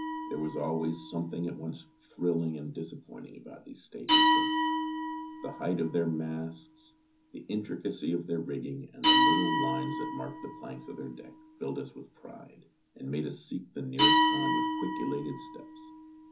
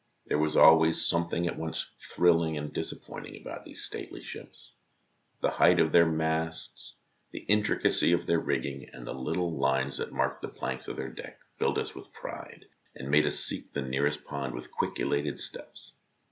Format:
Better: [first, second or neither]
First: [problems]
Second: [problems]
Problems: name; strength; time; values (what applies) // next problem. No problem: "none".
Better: second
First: background sound (Glass); 4 dB above the speech // room echo; dies away in 0.3 s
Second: none